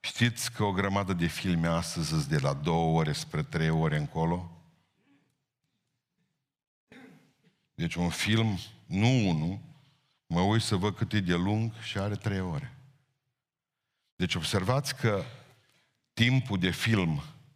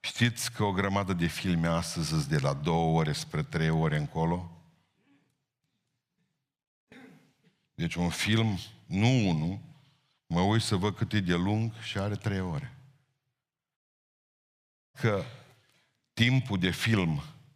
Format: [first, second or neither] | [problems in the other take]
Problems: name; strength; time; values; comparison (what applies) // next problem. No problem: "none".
first | audio cutting out; at 14 s for 1 s